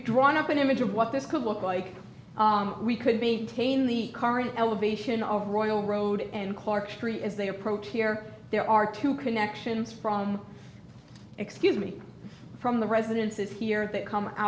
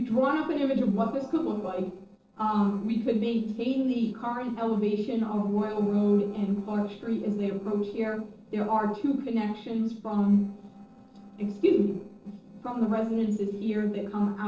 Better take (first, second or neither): first